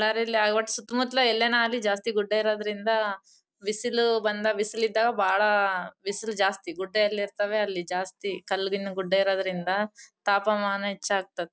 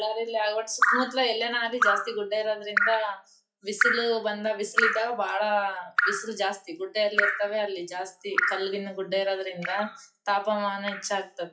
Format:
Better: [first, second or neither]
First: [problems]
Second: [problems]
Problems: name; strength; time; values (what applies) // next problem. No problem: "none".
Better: first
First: none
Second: noise reduction (classical method WPE with log-MMSE)